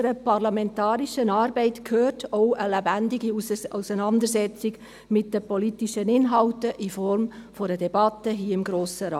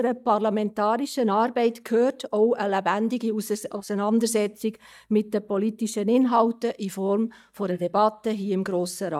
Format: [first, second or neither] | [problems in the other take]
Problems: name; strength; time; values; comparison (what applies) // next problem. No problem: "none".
first | noise reduction (neural mask model DeepFilterNet 3)